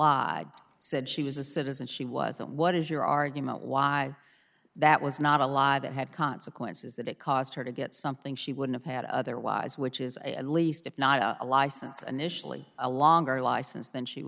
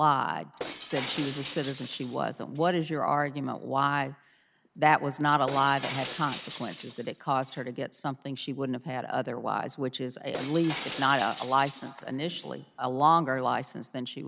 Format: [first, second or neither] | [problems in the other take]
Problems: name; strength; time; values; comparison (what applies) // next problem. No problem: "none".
first | background sound (Shatter); 15 dB below the speech